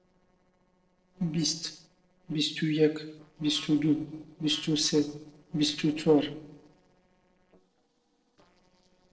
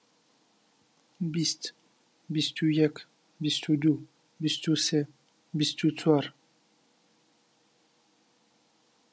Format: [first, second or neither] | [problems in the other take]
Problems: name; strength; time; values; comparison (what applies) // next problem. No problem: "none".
second | noise reduction (neural separator model SepFormer DNS4)